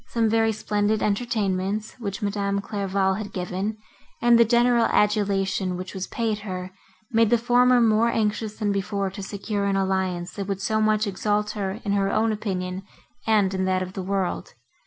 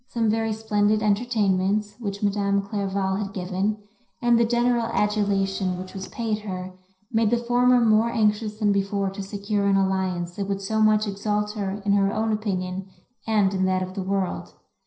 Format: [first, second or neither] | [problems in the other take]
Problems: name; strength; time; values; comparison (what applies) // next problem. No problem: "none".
first | noise reduction (neural separator model SepFormer DNS4)